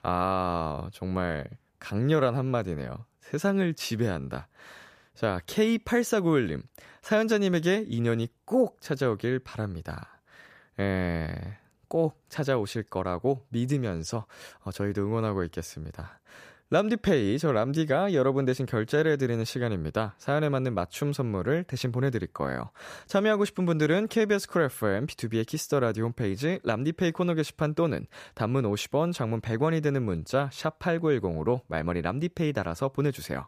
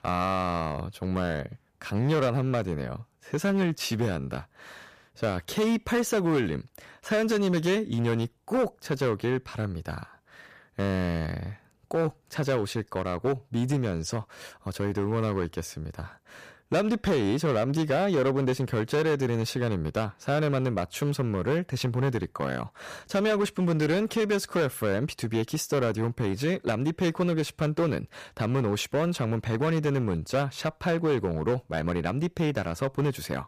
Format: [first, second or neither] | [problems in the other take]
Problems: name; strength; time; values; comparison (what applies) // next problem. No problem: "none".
first | distortion; slight; 9% of the sound clipped